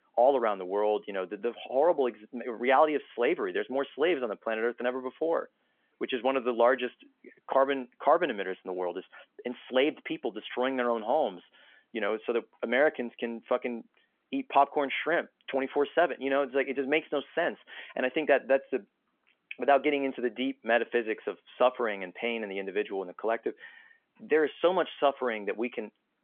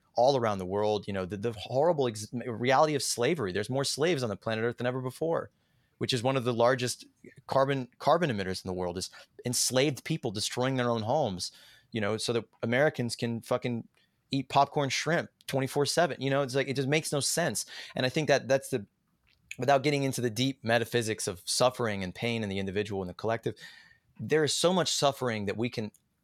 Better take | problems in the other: second | phone-call audio; nothing above 3.5 kHz

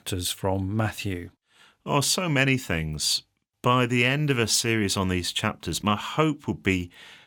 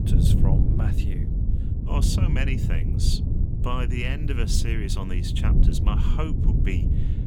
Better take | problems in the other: first | wind noise on the microphone; heavy; 4 dB below the speech

